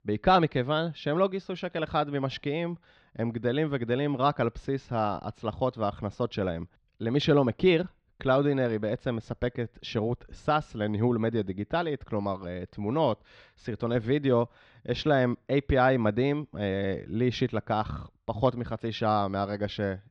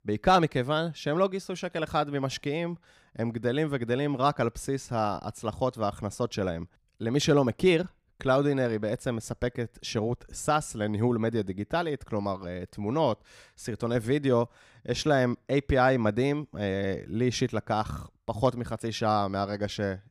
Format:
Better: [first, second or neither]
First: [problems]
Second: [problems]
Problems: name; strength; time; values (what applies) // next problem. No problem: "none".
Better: second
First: muffled; very slightly; fading above 4 kHz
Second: none